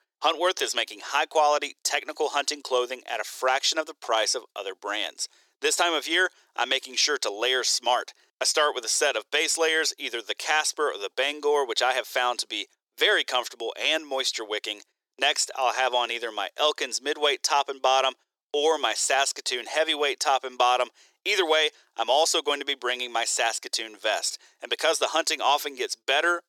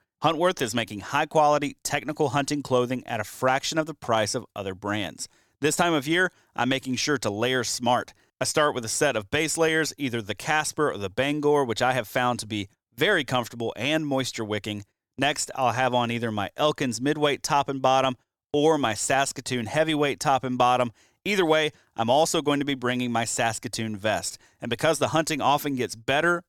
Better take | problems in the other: second | thin; very; fading below 350 Hz

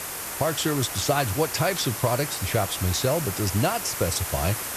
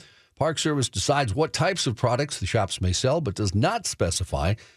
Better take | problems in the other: second | hiss; loud; throughout; 5 dB below the speech

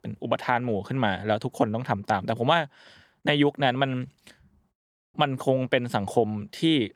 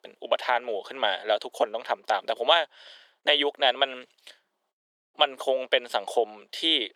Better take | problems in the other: first | thin; very; fading below 400 Hz

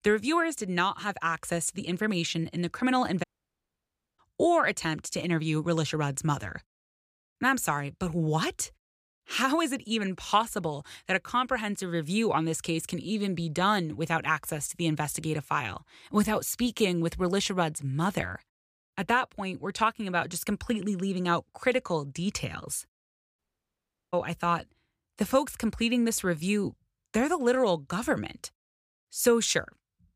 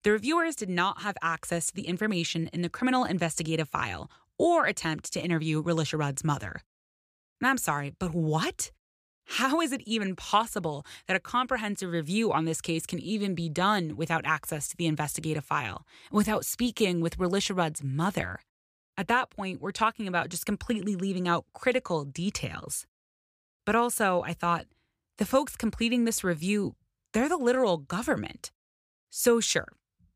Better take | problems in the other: second | audio cutting out; at 3 s for 1 s and at 23 s for 0.5 s

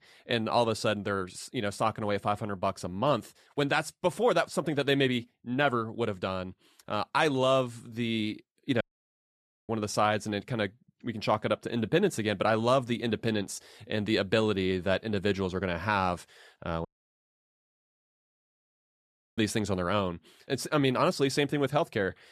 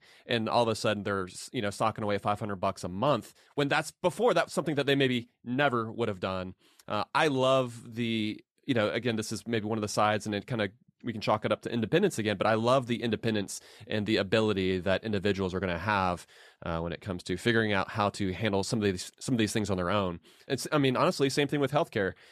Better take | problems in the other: second | audio cutting out; at 9 s for 1 s and at 17 s for 2.5 s

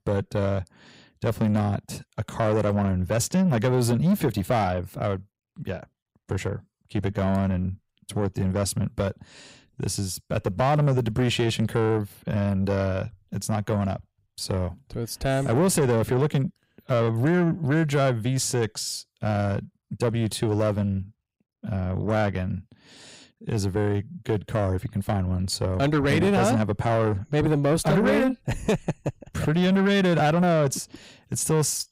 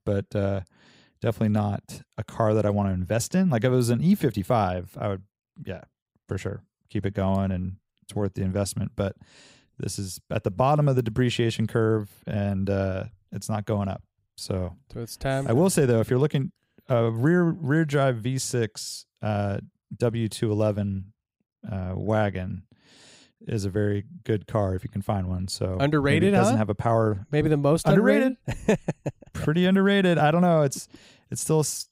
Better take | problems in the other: second | distortion; slight; 10 dB below the speech

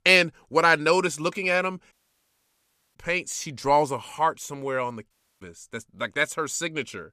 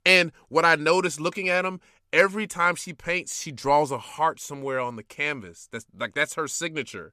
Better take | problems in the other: second | audio cutting out; at 2 s for 1 s and at 5 s

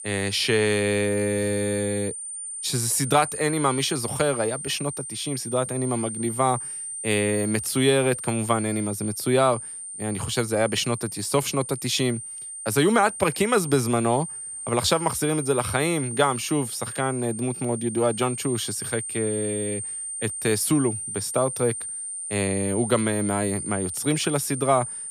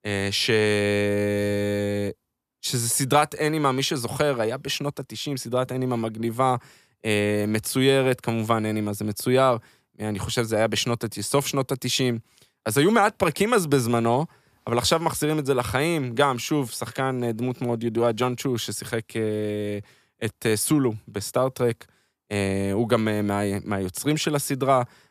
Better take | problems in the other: second | high-pitched whine; loud; throughout; 9 kHz, 7 dB below the speech

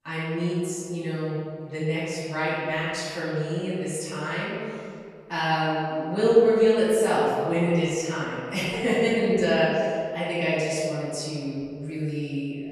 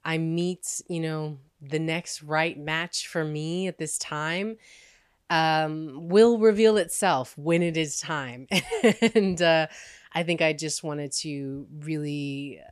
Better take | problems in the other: second | off-mic speech; far // room echo; strong; dies away in 2.1 s

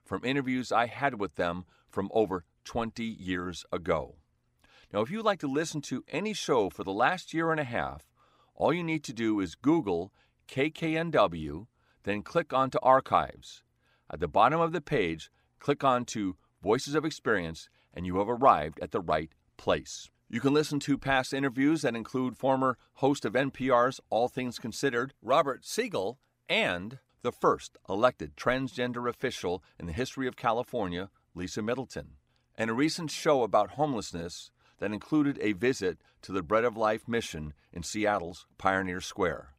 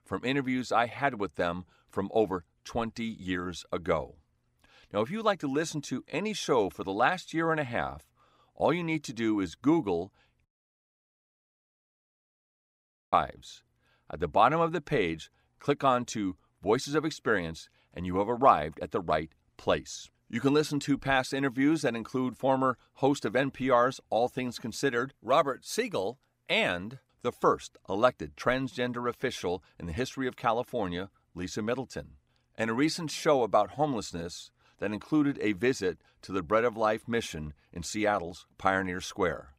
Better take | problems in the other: first | audio cutting out; at 10 s for 2.5 s

